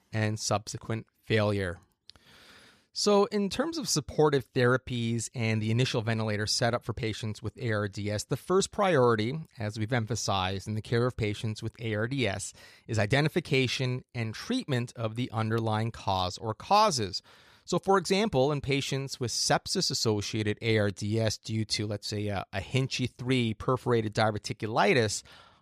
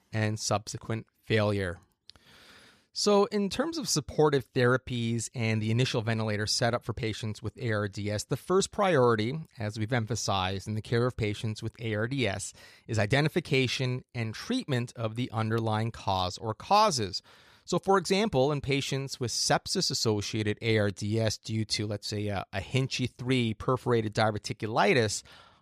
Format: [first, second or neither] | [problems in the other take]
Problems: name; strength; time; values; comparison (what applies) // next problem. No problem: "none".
neither | none